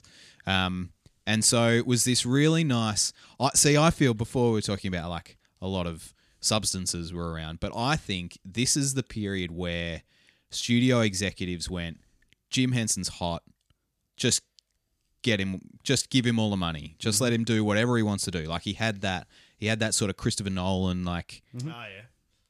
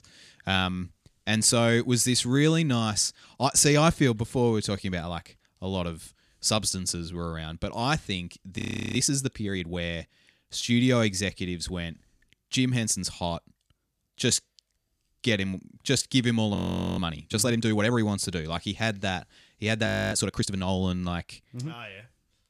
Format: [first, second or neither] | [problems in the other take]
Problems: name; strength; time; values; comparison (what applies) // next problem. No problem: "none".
first | audio freezing; at 8.5 s, at 17 s and at 20 s